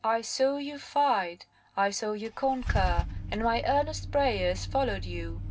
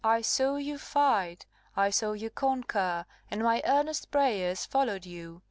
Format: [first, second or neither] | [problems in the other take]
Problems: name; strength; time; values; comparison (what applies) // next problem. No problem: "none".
second | background sound (Idling / Engine starting / Car); 6 dB below the speech // room echo; dies away in 0.2 s